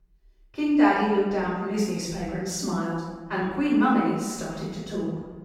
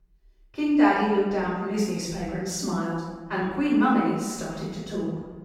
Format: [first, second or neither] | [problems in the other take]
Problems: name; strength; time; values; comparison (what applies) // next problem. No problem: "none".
neither | off-mic speech; far; the same in both // room echo; strong; dies away in 1.2 s; the same in both